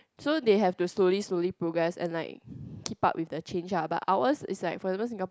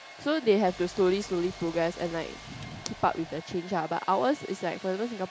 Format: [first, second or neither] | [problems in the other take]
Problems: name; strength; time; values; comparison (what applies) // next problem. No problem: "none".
first | background sound (Domestic sounds, home sounds + Car); 16 dB below the speech